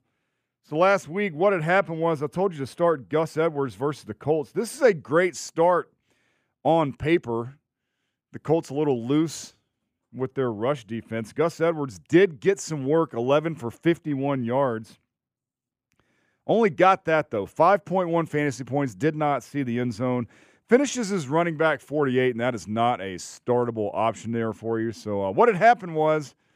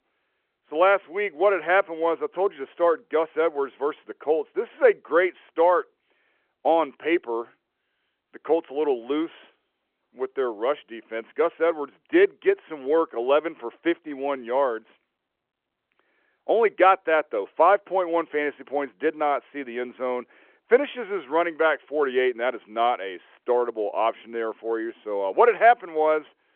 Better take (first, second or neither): first